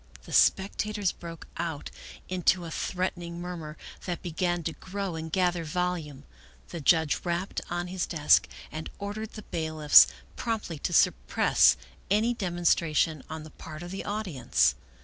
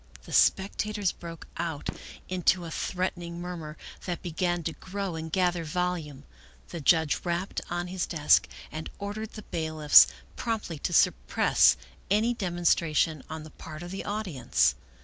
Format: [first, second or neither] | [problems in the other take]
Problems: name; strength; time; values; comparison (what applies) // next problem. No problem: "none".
first | background sound (Fireworks); 14 dB below the speech